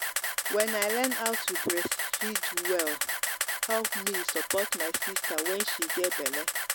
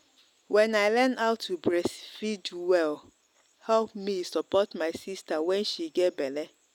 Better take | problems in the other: second | background sound (Camera); 2 dB above the speech

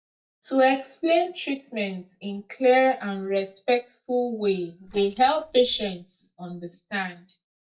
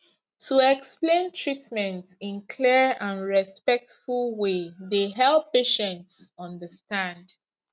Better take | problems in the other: second | noise reduction (neural mask model DeepFilterNet 3)

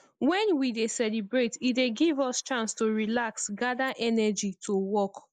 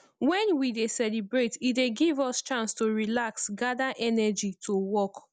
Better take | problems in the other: second | noise reduction (neural mask model Resemble Enhance denoiser)

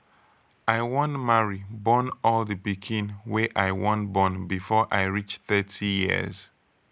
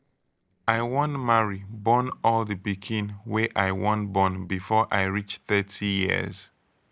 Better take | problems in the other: first | noise reduction (neural separator model SepFormer DNS4)

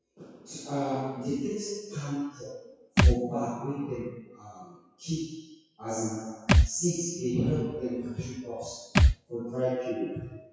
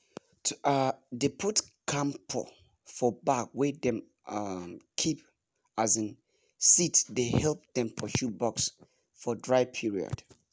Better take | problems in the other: second | noise reduction (classical method WPE with log-MMSE)

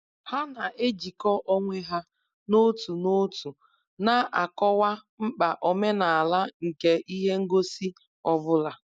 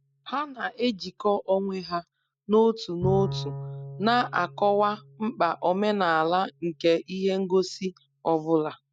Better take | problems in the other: first | background sound (Bowed string instrument); 14 dB below the speech

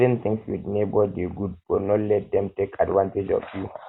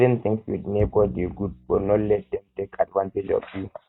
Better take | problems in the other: first | noise reduction (neural mask model RNNoise)

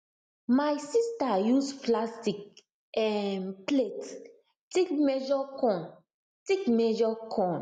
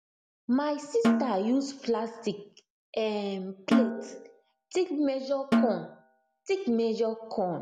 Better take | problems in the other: first | background sound (Snare drum); 2 dB below the speech

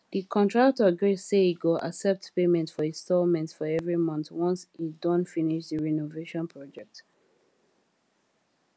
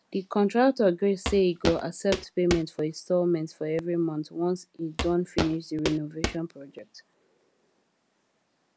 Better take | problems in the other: first | background sound (Walk, footsteps); 5 dB below the speech

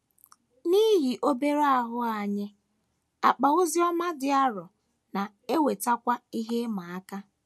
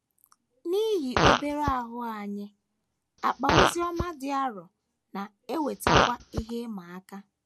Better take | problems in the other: first | background sound (Fart); 3 dB above the speech

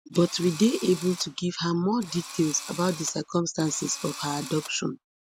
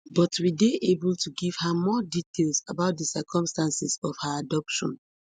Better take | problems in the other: second | background sound (Engine / Drill); 14 dB below the speech

